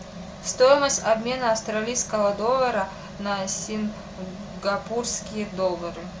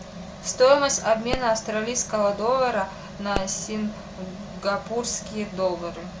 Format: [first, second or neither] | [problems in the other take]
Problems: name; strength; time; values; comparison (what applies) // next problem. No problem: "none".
first | background sound (Explosion); 12 dB below the speech